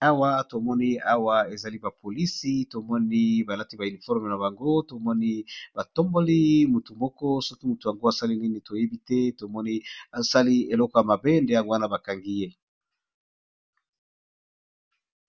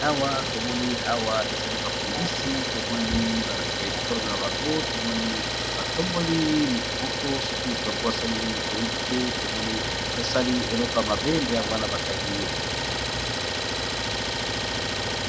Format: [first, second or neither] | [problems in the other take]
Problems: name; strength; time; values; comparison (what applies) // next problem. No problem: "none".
first | background sound (Idling); 2 dB above the speech